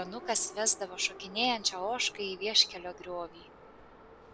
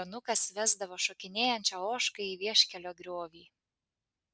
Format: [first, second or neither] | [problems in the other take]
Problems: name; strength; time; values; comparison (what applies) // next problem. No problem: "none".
second | background sound (Subway, metro, underground); 17 dB below the speech